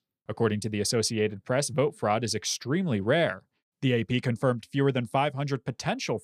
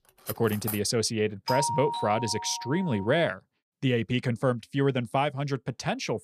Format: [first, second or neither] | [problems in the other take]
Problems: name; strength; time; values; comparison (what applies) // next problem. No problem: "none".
first | clattering dishes; noticeable; at 0.5 s; peak 7 dB below the speech // doorbell; noticeable; from 1.5 to 3 s; peak 1 dB below the speech